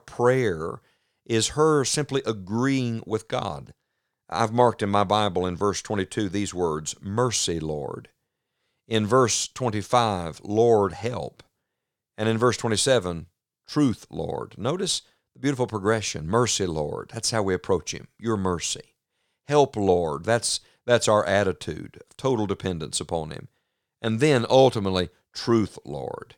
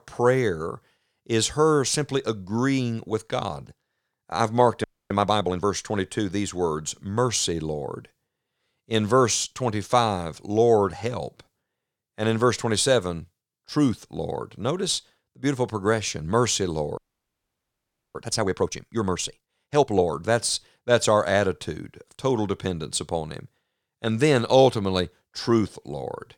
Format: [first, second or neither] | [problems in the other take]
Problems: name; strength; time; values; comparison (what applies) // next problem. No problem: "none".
first | audio freezing; at 5 s and at 17 s for 1 s